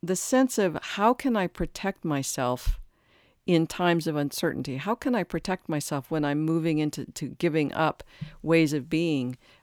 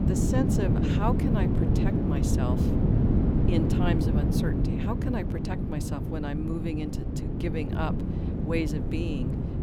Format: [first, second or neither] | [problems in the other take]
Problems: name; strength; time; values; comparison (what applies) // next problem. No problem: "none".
first | wind noise on the microphone; heavy; 1 dB above the speech